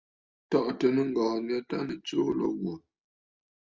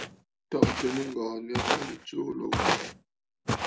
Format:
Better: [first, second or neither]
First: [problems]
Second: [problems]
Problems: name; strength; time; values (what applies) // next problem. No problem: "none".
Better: first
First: none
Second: background sound (Walk, footsteps); 4 dB above the speech